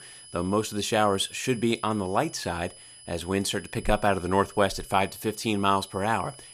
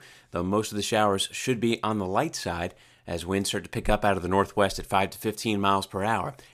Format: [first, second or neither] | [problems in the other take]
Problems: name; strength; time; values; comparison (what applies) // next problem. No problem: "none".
second | high-pitched whine; noticeable; throughout; 10 kHz, 20 dB below the speech